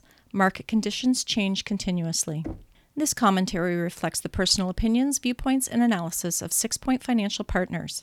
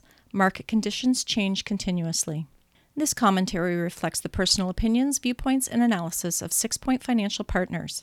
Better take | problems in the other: second | door banging; faint; at 2.5 s; peak 15 dB below the speech

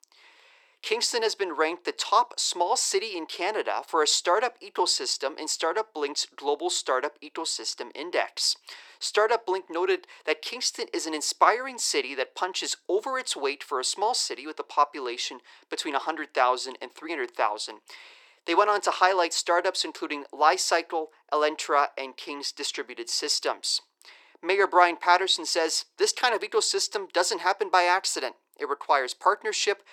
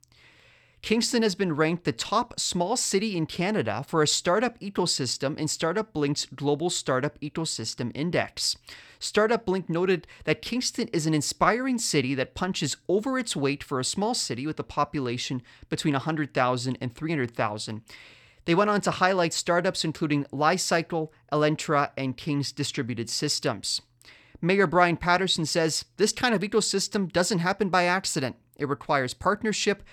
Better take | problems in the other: second | thin; very; fading below 350 Hz

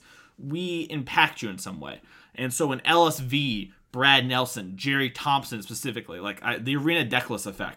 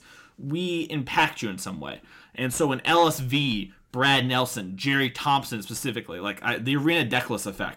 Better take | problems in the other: first | distortion; slight; 10 dB below the speech

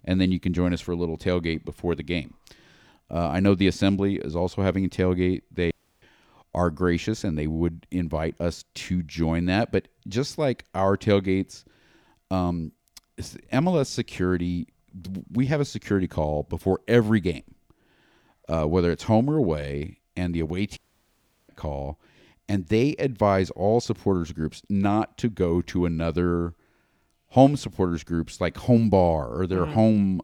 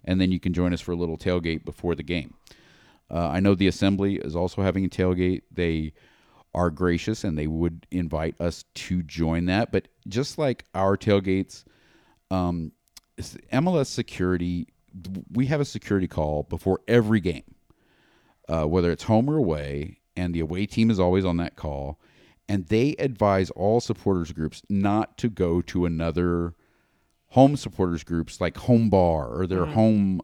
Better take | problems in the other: second | audio cutting out; at 5.5 s and at 21 s for 0.5 s

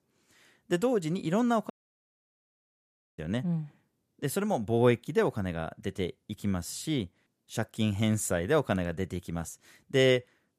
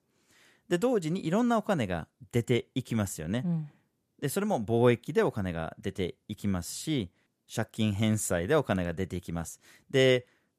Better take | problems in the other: second | audio cutting out; at 1.5 s for 1.5 s

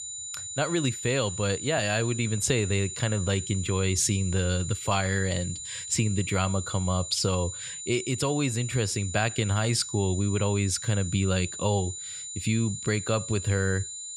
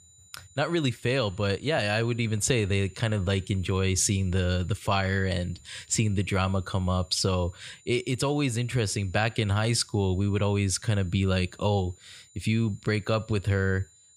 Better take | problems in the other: second | high-pitched whine; loud; throughout; 7 kHz, 7 dB below the speech; faint in the second

